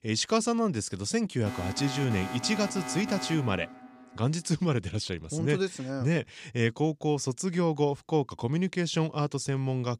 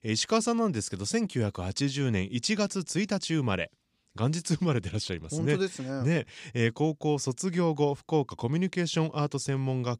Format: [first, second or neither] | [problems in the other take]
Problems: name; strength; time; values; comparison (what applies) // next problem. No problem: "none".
second | alarm; noticeable; from 1.5 to 4 s; peak 7 dB below the speech